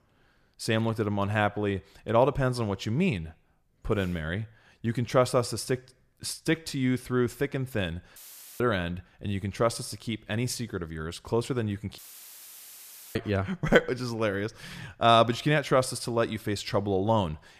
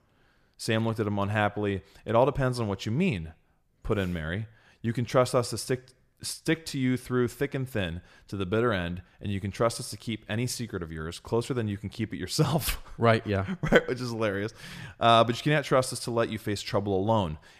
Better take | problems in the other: second | audio cutting out; filled with static; at 8 s and at 12 s for 1 s

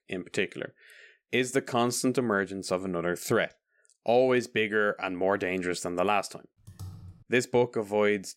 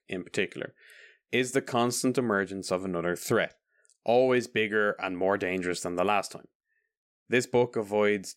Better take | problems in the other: second | keyboard typing; faint; at 6.5 s; peak 15 dB below the speech

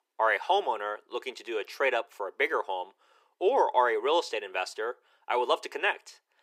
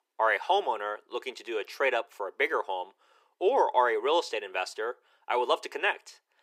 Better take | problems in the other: neither | thin; very; fading below 350 Hz; the same in both

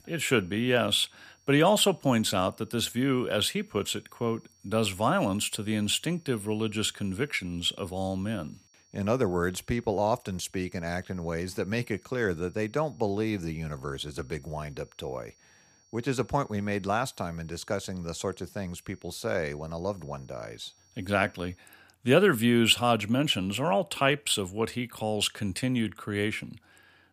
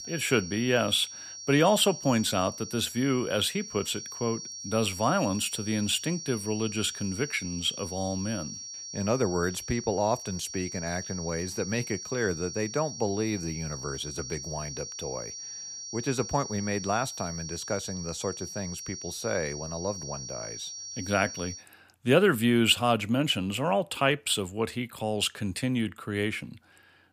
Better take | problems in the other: first | high-pitched whine; loud; until 22 s; 5.5 kHz, 9 dB below the speech; faint in the first

